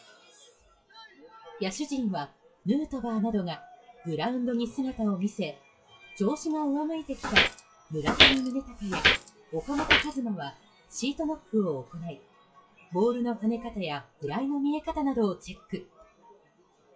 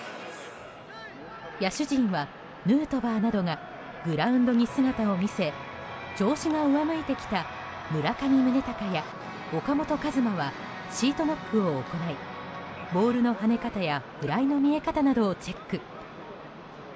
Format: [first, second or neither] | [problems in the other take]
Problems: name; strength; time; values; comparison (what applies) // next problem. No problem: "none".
second | noise reduction (classical method WPE with log-MMSE)